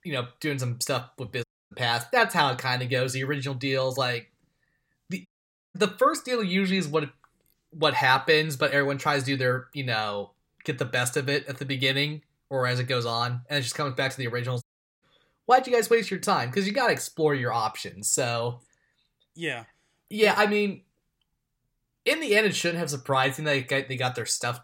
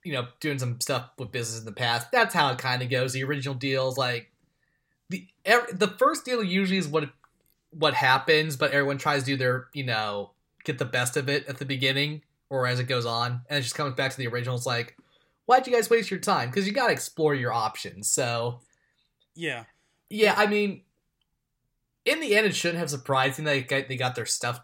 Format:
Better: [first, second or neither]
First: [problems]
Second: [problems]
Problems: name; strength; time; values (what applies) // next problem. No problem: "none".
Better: second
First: audio cutting out; at 1.5 s, at 5.5 s and at 15 s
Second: none